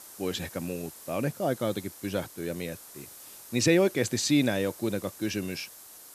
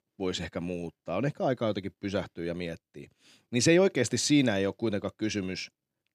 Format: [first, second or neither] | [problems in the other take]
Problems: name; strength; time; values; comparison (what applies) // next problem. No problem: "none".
second | hiss; noticeable; throughout; 15 dB below the speech